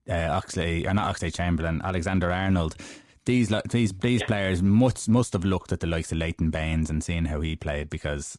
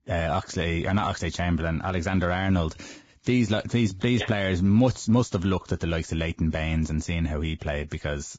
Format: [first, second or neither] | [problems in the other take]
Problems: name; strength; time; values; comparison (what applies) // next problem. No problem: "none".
first | garbled, watery; badly; nothing above 7.5 kHz; slightly in the first